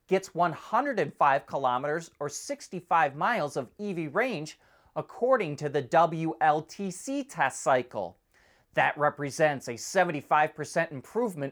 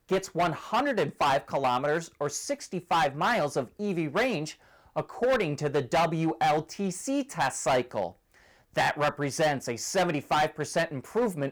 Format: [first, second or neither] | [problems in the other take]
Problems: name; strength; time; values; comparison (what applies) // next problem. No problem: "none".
first | distortion; heavy; 9% of the sound clipped